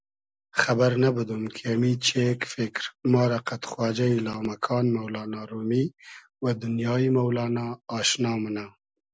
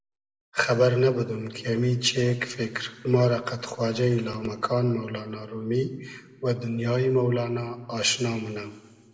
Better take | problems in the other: first | room echo; dies away in 1.2 s

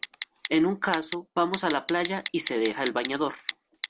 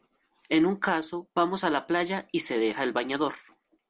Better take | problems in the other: second | background sound (Telephone); 11 dB below the speech

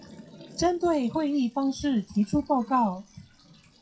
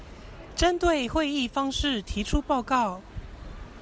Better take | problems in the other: second | noise reduction (classical method WPE with log-MMSE)

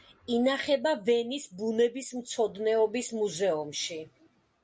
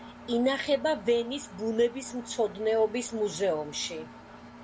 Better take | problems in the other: first | background sound (Engine); 18 dB below the speech

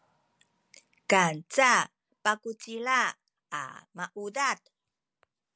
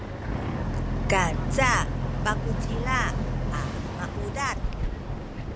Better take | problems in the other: first | background sound (Boat, Water vehicle); 3 dB above the speech

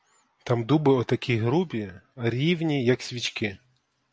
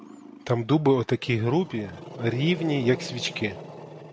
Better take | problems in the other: first | background sound (Growling); 14 dB below the speech

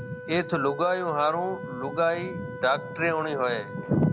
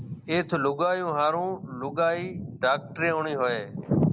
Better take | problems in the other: second | background sound (Wind instrument, woodwind instrument); 12 dB below the speech

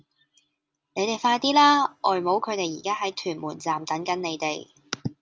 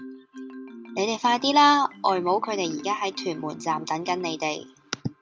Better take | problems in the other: first | background sound (Marimba, xylophone); 16 dB below the speech

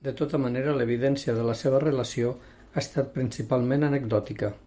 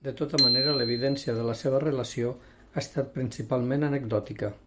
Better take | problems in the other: first | background sound (Bicycle bell); 3 dB below the speech

